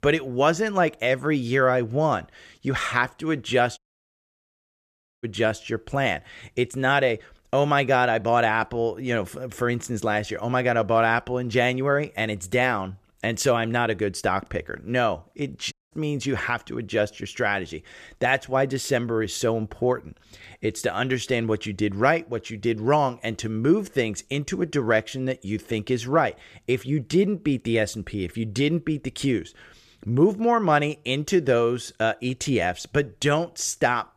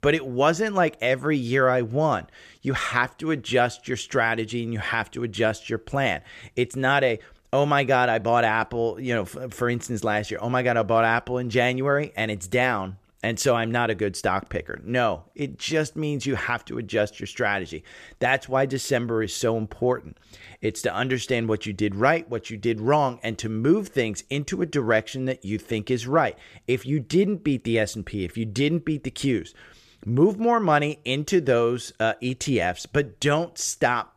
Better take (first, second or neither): second